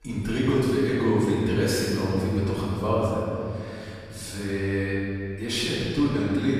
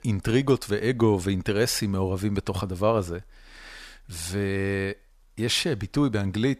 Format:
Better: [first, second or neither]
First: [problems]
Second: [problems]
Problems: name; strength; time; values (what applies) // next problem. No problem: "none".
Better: second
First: room echo; strong; dies away in 2.5 s // off-mic speech; far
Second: none